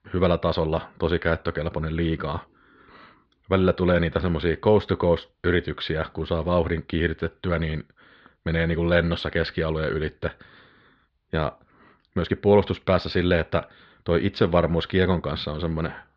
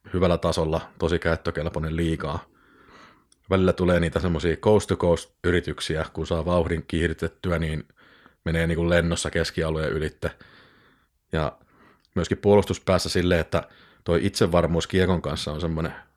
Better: second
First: muffled; very slightly; fading above 4 kHz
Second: none

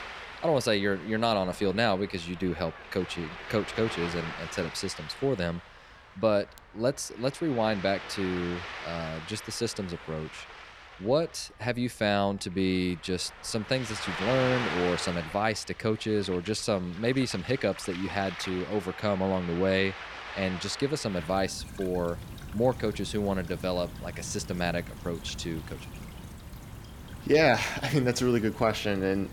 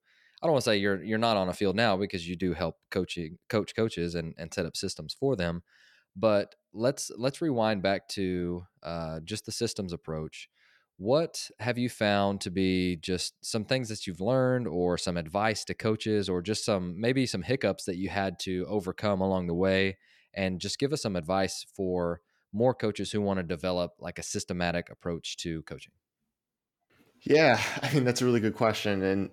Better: second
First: rain or running water; noticeable; throughout; 10 dB below the speech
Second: none

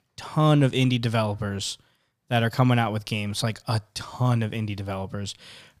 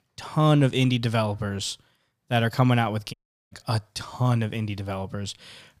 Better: first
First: none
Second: audio cutting out; at 3 s

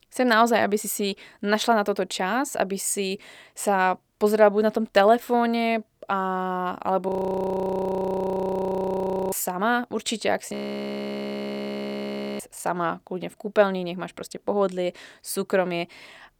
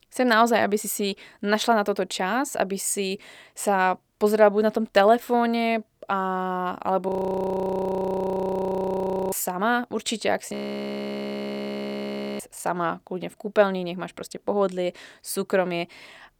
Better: neither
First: audio freezing; at 7 s for 2 s and at 11 s for 2 s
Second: audio freezing; at 7 s for 2 s and at 11 s for 2 s

